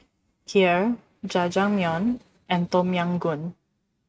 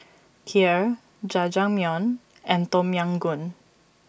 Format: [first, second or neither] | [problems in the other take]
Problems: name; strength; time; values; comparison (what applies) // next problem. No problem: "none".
second | noise reduction (neural mask model RNNoise)